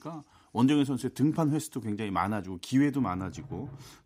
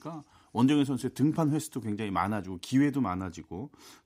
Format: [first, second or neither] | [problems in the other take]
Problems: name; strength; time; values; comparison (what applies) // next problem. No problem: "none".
second | door banging; faint; at 3 s; peak 15 dB below the speech